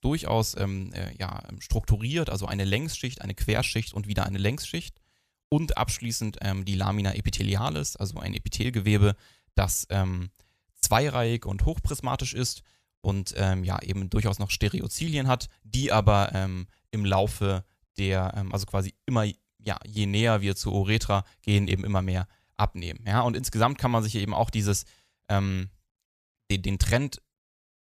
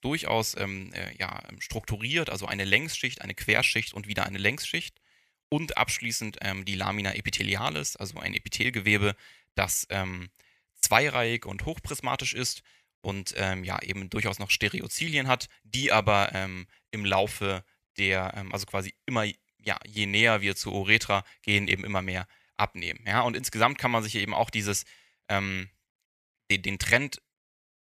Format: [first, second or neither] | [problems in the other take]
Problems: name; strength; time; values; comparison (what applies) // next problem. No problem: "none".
first | thin; somewhat; fading below 300 Hz